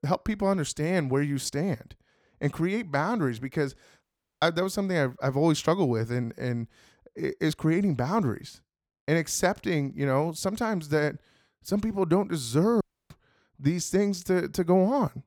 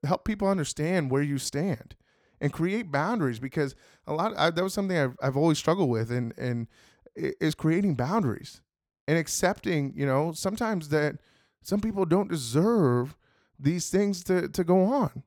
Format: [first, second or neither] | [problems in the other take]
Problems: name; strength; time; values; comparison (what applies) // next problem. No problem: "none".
second | audio cutting out; at 4 s and at 13 s